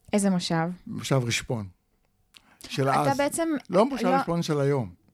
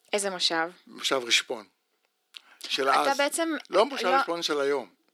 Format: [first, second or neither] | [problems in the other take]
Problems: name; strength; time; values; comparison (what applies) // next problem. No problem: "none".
first | thin; somewhat; fading below 350 Hz